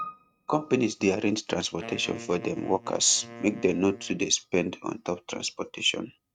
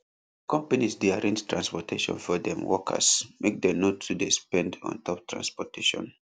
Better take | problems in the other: second | noise reduction (neural mask model RNNoise)

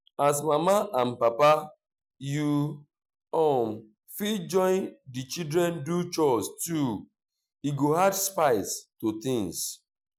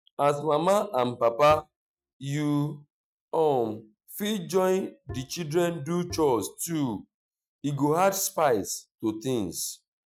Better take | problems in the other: first | noise reduction (neural mask model RNNoise)

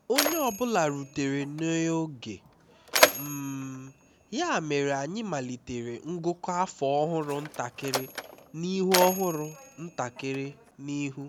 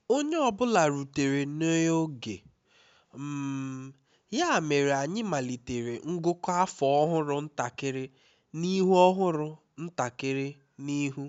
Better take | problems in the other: second | background sound (Mechanisms); 4 dB below the speech

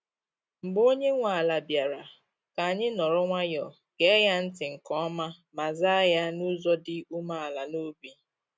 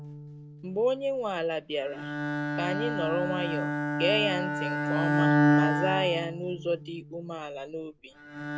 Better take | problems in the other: first | background sound (Bowed string instrument); 2 dB above the speech

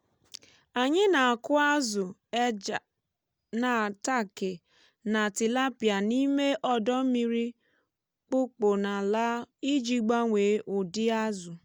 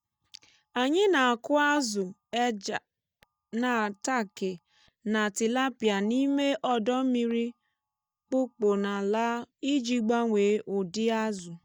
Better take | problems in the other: first | noise reduction (neural mask model DeepFilterNet 3)

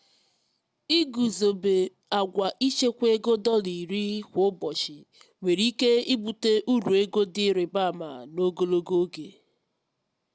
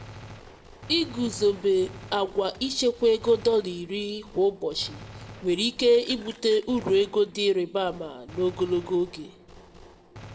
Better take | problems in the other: first | background sound (Gunshot, gunfire); 19 dB below the speech // room echo; dies away in 2 s

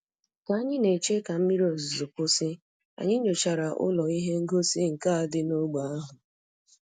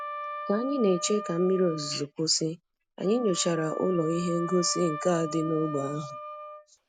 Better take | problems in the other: first | background sound (Wind instrument, woodwind instrument); 10 dB below the speech

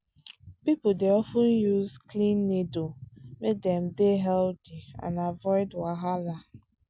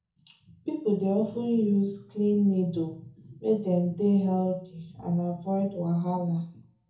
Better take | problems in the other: first | room echo; dies away in 0.6 s

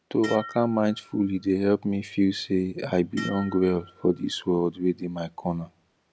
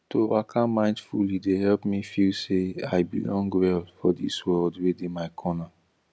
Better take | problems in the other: second | background sound (Dishes, pots, and pans); 19 dB below the speech

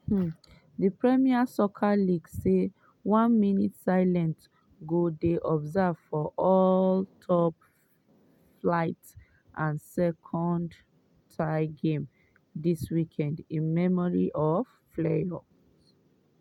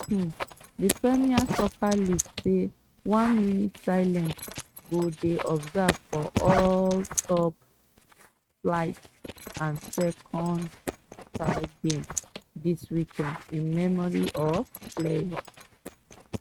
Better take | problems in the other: first | noise reduction (neural mask model RNNoise)

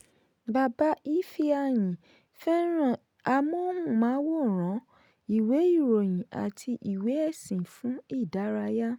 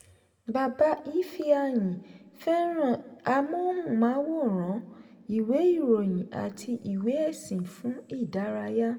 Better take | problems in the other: first | room echo; dies away in 1.3 s

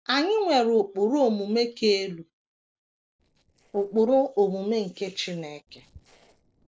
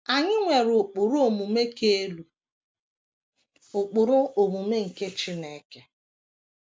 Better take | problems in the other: second | noise reduction (neural separator model SepFormer DNS4)

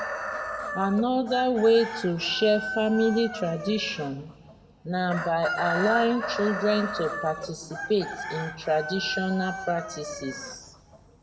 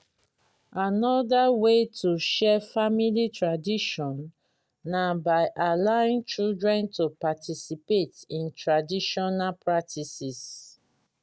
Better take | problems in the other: second | background sound (Chicken, rooster); 8 dB below the speech // room echo; dies away in 0.9 s

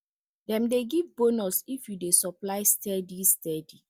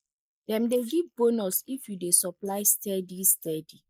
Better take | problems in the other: first | noise reduction (neural mask model Resemble Enhance denoiser)

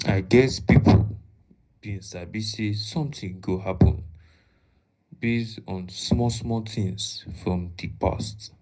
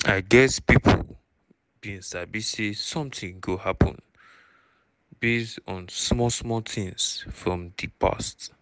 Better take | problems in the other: second | room echo; dies away in 0.4 s

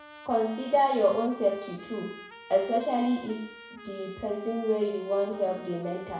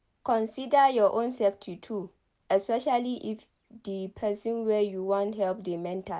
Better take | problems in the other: second | background sound (Trumpet); 19 dB below the speech // room echo; dies away in 0.6 s

